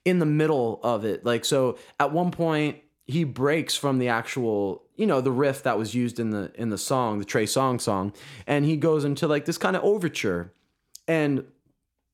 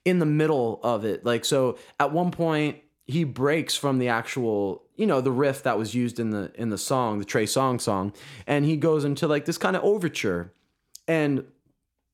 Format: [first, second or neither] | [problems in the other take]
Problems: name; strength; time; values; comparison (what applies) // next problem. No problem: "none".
neither | none